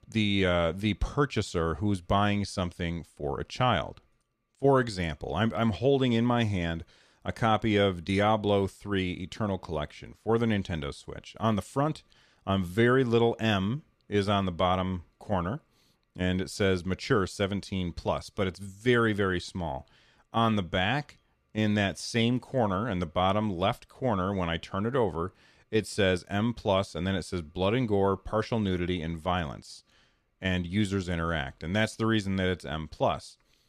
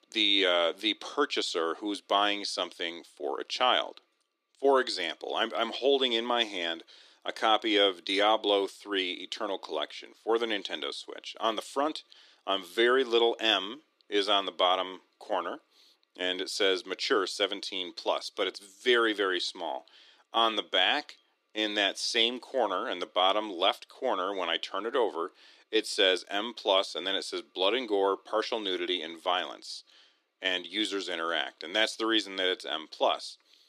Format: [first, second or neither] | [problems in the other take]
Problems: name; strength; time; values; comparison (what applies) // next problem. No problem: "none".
first | thin; very; fading below 300 Hz